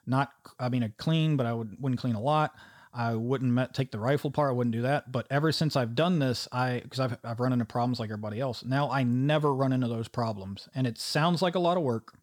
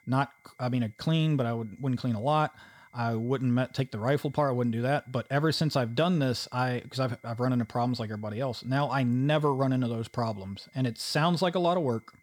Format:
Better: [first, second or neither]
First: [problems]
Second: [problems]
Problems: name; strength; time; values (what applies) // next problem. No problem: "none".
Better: first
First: none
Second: high-pitched whine; faint; throughout; 2 kHz, 35 dB below the speech